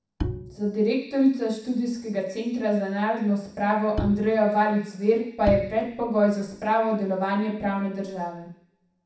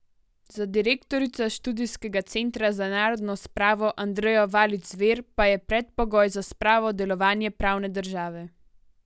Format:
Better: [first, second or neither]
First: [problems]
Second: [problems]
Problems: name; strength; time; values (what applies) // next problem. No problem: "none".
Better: second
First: background sound (Bowed string instrument); 10 dB below the speech // room echo; dies away in 0.7 s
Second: none